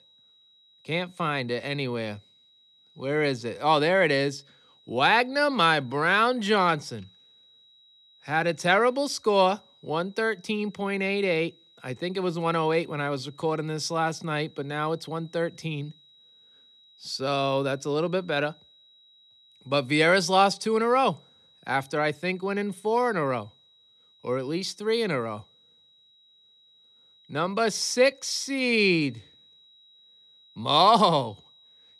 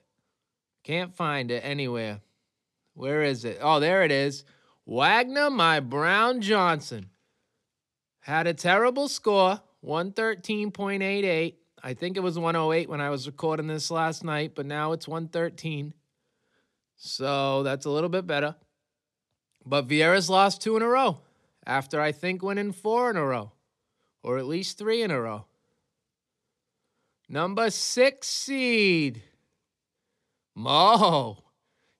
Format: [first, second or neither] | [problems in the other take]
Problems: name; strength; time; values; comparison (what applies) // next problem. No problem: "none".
second | high-pitched whine; faint; throughout; 4 kHz, 30 dB below the speech